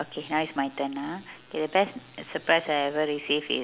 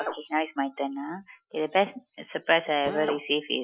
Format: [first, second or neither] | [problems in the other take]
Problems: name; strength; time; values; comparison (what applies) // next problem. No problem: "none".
first | noise reduction (classical method Wiener filter)